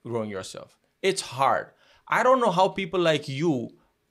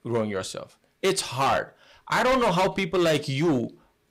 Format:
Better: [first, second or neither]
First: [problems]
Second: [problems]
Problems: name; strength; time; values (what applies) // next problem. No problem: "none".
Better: first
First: none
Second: distortion; heavy; 12% of the sound clipped